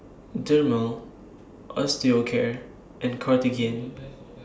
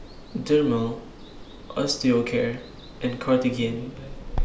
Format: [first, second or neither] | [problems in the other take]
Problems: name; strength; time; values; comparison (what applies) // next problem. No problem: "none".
first | background sound (Water); 9 dB below the speech